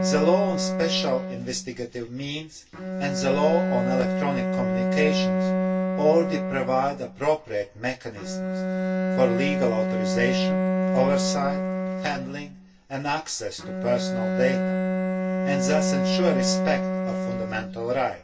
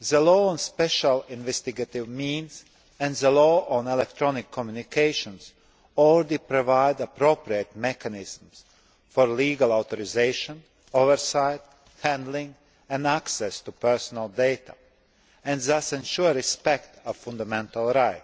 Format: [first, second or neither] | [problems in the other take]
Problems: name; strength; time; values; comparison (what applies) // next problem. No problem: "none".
second | background sound (Bowed string instrument); 1 dB above the speech // room echo; dies away in 0.2 s